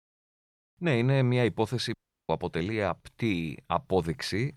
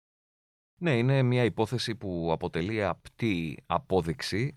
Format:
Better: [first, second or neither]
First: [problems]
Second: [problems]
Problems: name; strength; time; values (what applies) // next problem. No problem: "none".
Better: second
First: audio cutting out; at 2 s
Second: none